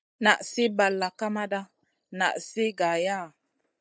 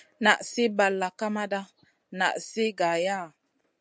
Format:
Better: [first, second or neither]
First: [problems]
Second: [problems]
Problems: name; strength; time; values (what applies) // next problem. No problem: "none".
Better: second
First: noise reduction (neural mask model DeepFilterNet 3)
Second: none